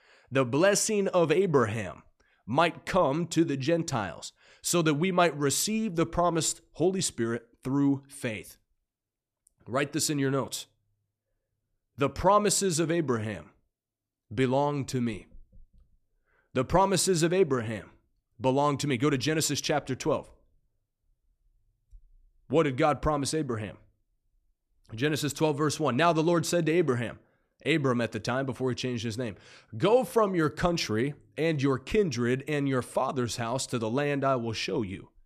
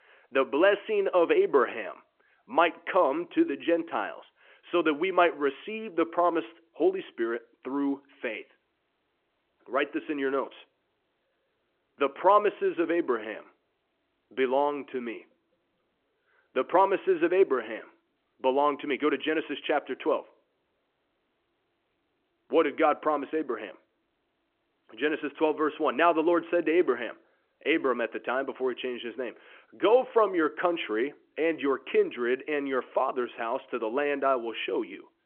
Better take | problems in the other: first | phone-call audio

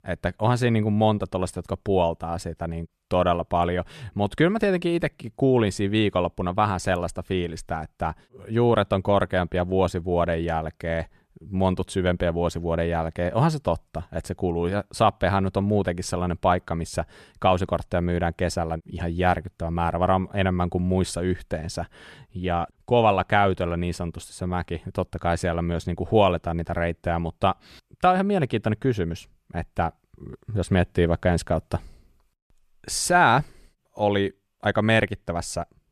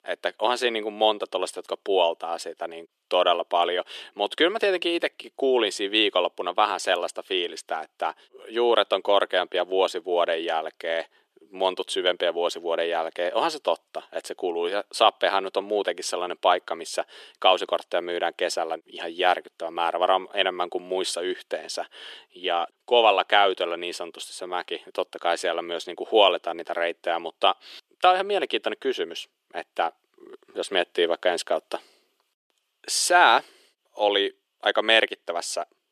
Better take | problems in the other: first | thin; very; fading below 350 Hz

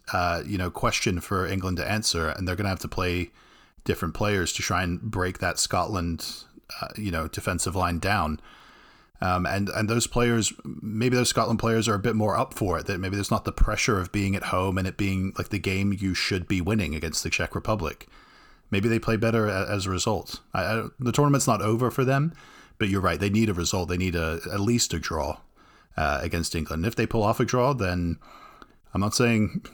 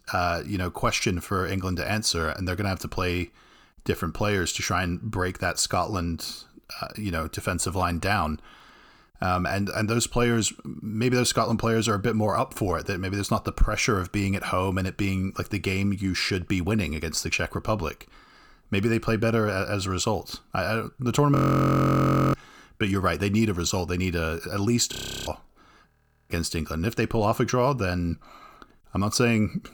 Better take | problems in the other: first | audio freezing; at 21 s for 1 s, at 25 s and at 26 s

